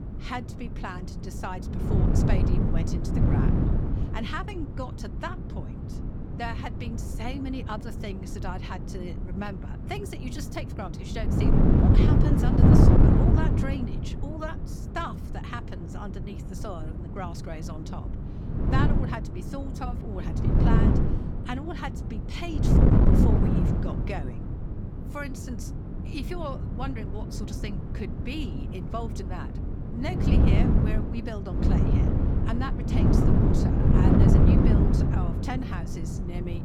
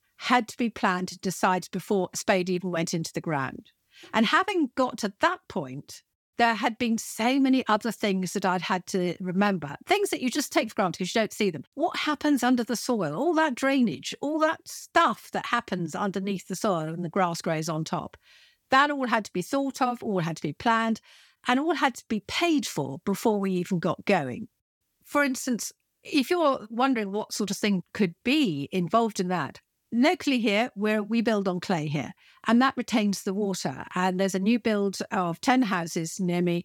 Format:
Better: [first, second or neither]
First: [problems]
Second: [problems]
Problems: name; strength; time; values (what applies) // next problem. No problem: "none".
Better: second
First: wind noise on the microphone; heavy; 4 dB above the speech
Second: none